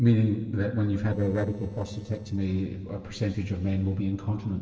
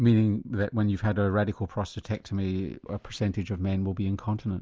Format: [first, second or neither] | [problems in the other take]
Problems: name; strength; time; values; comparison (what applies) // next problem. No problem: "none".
second | noise reduction (neural separator model SepFormer DNS4)